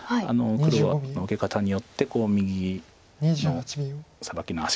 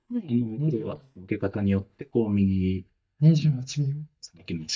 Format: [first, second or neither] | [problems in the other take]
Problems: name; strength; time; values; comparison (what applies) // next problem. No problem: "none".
first | noise reduction (neural mask model DeepFilterNet 3)